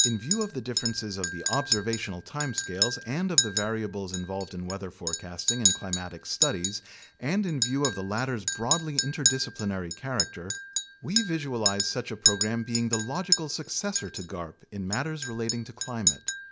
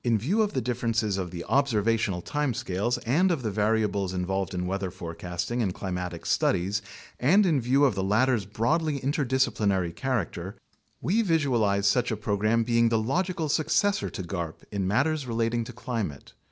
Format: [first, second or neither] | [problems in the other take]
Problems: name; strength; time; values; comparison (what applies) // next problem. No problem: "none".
second | background sound (Chink, clink); 1 dB above the speech